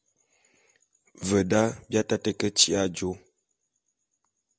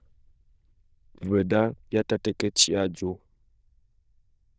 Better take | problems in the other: first | noise reduction (neural diffusion model UNIVERSE++)

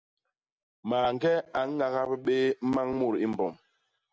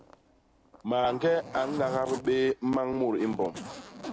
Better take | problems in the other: first | background sound (Zipper (clothing)); 14 dB below the speech

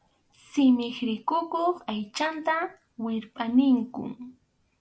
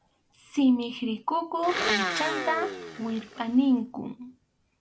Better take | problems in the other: first | background sound (Domestic sounds, home sounds); 4 dB below the speech

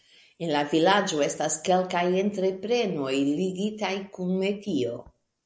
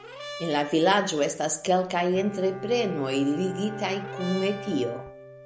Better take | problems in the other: first | background sound (Brass instrument + Bowed string instrument); 12 dB below the speech

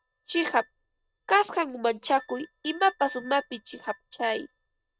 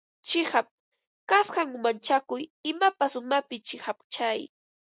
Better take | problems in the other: second | noise reduction (neural mask model RNNoise)

